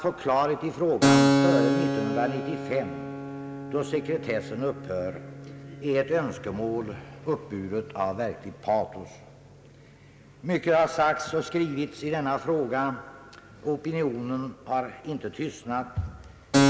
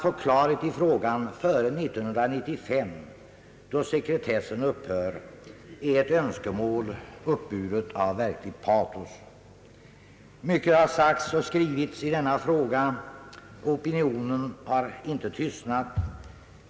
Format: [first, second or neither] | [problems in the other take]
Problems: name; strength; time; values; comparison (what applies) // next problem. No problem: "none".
second | background sound (Keyboard (musical)); 1 dB below the speech